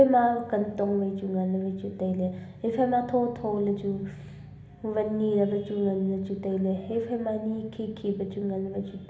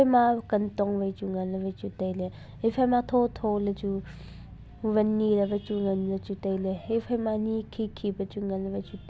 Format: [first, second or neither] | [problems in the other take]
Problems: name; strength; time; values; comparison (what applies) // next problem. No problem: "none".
second | room echo; dies away in 1 s